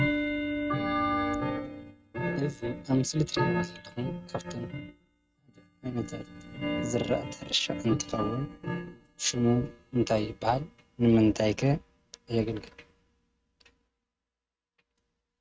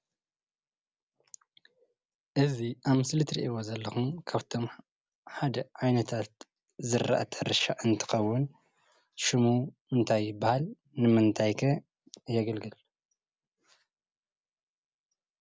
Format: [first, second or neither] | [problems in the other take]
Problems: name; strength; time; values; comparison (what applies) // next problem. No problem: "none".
second | noise reduction (neural mask model RNNoise)